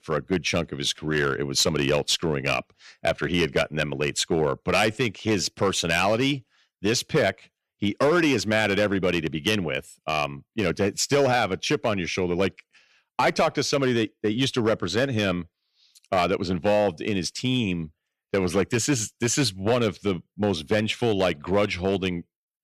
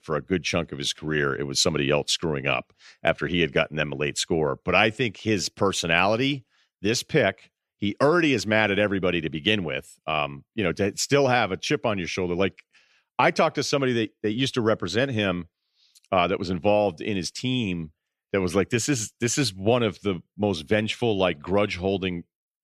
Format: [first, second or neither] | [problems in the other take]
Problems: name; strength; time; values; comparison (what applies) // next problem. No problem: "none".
second | distortion; slight; 3% of the sound clipped